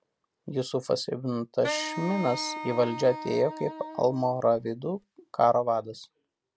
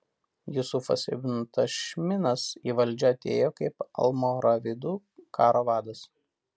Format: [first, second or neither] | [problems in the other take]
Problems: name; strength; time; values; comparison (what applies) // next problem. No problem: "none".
second | background sound (Wind instrument, woodwind instrument); 9 dB below the speech